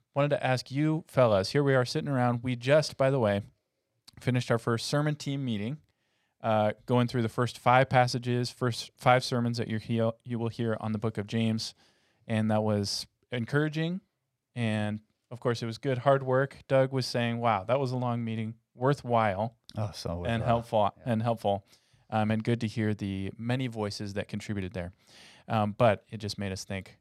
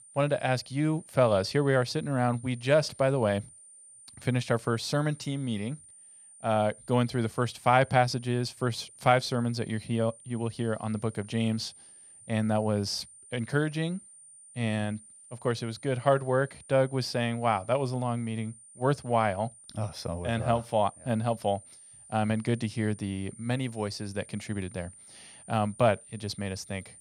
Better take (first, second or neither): first